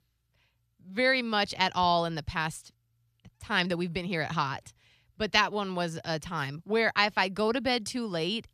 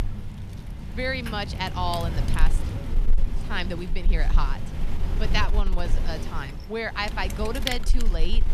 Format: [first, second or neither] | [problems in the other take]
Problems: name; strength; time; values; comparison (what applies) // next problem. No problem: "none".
first | wind noise on the microphone; heavy; 9 dB below the speech